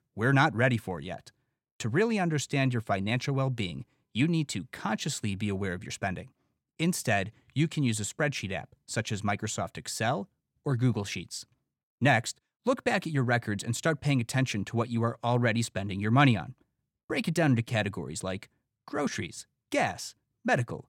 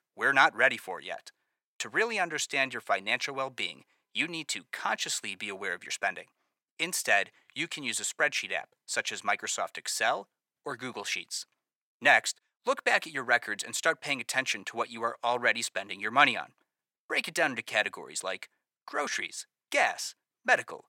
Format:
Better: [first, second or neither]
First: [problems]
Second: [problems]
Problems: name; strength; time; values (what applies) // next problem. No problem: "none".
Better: first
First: none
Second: thin; very; fading below 650 Hz